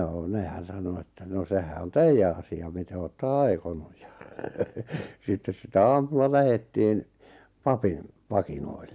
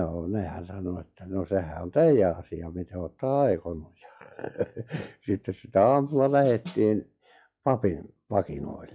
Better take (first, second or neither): first